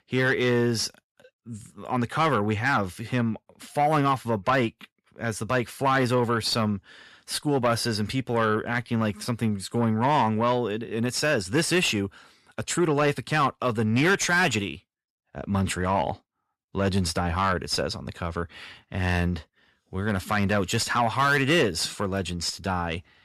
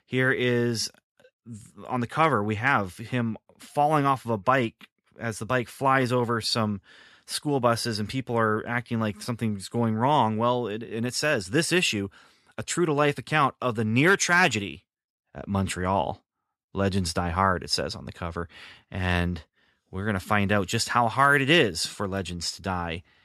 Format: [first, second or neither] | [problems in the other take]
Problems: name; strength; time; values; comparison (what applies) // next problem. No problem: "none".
second | distortion; slight; 10 dB below the speech